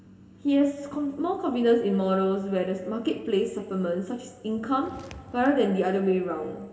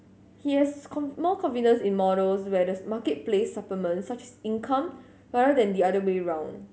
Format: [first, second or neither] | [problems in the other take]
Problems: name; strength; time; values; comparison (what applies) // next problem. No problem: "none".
second | background sound (Walk, footsteps); 19 dB below the speech // room echo; dies away in 2.8 s